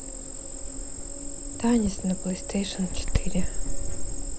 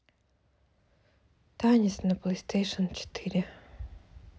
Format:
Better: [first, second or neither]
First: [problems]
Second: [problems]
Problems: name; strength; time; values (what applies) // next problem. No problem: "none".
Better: second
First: background sound (Cricket); 3 dB above the speech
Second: none